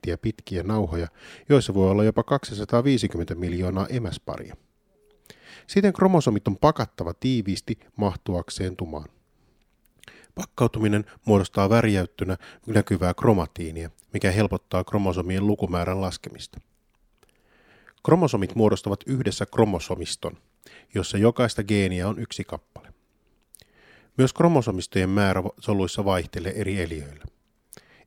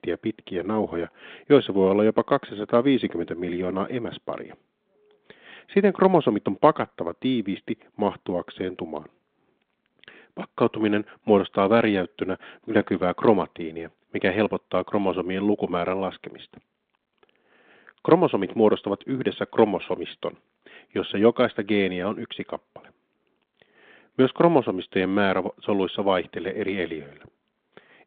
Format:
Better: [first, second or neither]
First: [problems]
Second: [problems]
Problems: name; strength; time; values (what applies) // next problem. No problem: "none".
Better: first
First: none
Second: phone-call audio